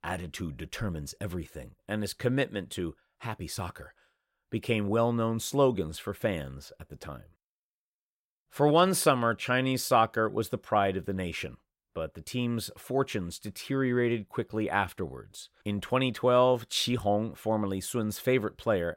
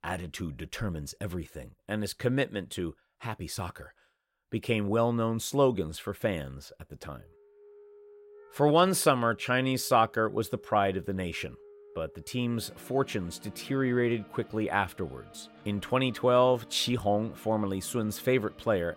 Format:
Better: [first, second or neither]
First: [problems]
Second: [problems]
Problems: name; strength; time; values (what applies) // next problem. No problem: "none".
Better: first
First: none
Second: background music; faint; from 7.5 s on; 25 dB below the speech